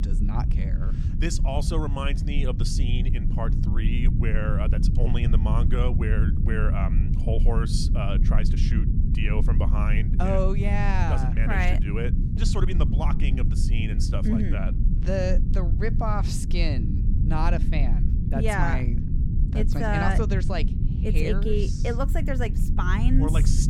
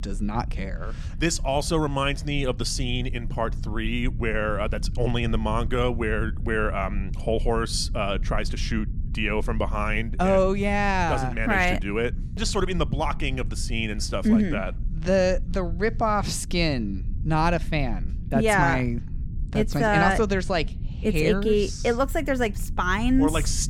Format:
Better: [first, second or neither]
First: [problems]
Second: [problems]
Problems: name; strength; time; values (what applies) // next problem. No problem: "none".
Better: second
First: low rumble; loud; throughout; 7 dB below the speech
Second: low rumble; faint; throughout; 20 dB below the speech